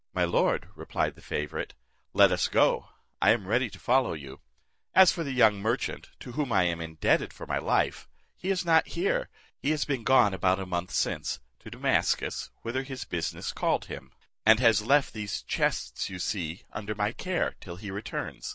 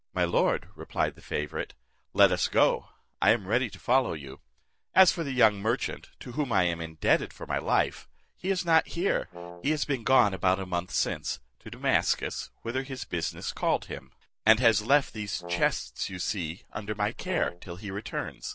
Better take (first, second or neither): first